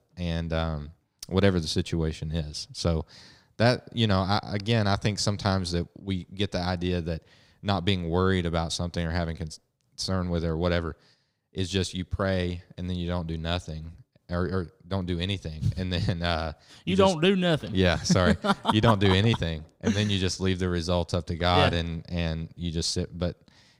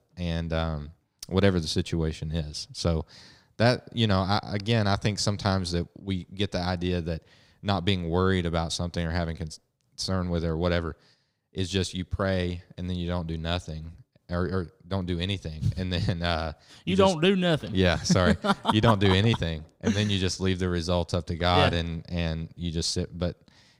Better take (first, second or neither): neither